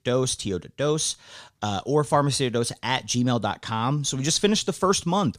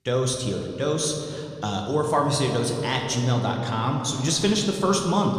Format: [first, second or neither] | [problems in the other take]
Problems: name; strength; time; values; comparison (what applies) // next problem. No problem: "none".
first | room echo; slight; dies away in 2.3 s